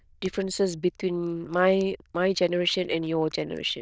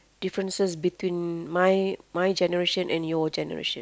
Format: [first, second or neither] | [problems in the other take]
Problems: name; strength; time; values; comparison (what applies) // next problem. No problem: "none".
second | noise reduction (neural diffusion model UNIVERSE++)